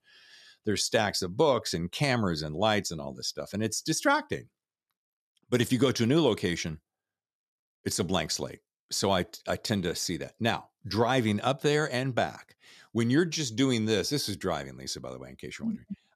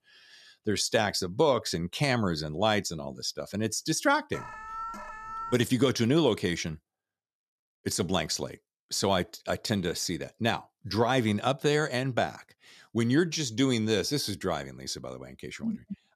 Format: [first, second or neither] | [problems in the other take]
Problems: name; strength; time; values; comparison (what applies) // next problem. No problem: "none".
first | alarm; noticeable; from 4.5 to 5.5 s; peak 9 dB below the speech